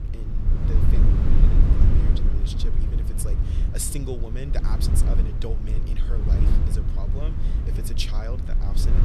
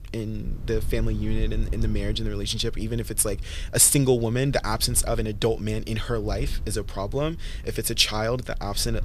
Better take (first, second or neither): second